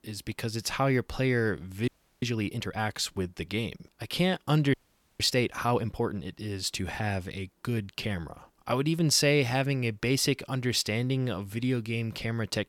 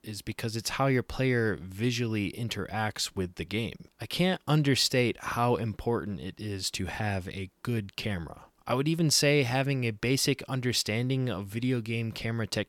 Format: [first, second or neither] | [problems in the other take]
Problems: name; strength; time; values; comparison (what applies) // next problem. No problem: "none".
second | audio freezing; at 2 s and at 4.5 s